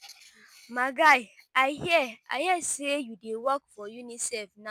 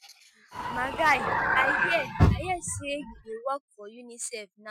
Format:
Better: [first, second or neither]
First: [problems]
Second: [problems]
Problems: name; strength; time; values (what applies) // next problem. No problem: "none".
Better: first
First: none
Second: noise reduction (classical method Wiener filter)